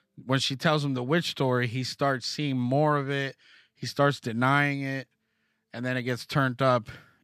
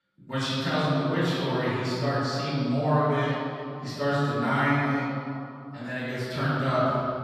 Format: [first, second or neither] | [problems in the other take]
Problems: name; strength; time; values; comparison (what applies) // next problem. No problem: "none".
first | off-mic speech; far // room echo; strong; dies away in 2.4 s